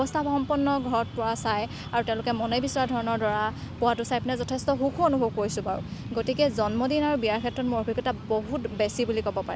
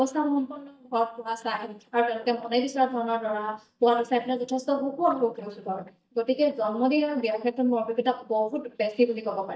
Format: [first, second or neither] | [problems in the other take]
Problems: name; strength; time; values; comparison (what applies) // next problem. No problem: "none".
first | noise reduction (neural mask model DeepFilterNet 3)